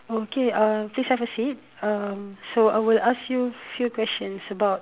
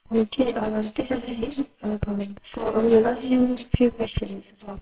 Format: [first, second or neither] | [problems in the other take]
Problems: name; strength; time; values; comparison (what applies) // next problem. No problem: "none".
first | noise reduction (neural separator model SepFormer WHAMR!)